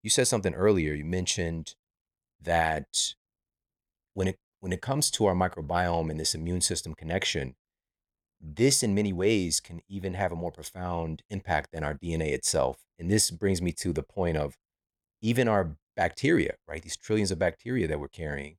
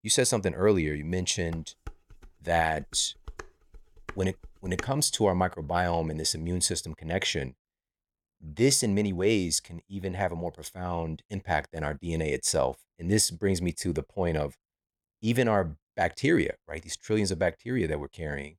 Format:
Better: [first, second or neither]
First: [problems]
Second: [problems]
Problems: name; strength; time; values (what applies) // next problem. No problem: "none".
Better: first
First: none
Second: clattering dishes; faint; from 1.5 to 5 s; peak 10 dB below the speech